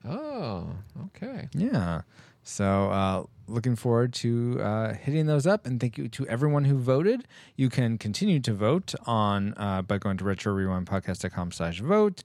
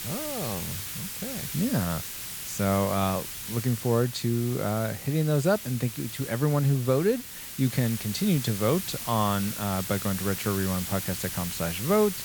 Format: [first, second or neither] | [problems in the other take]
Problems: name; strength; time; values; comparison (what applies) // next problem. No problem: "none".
first | hiss; loud; throughout; 6 dB below the speech